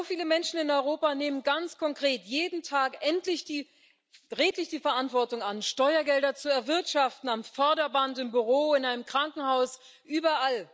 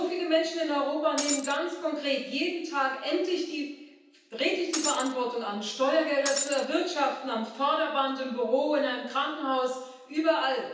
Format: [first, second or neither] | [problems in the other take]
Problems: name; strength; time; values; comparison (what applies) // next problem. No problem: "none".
first | background sound (Shatter); 4 dB below the speech // room echo; dies away in 0.9 s